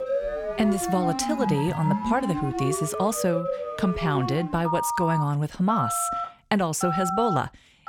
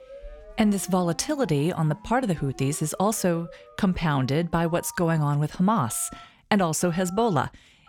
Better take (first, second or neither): second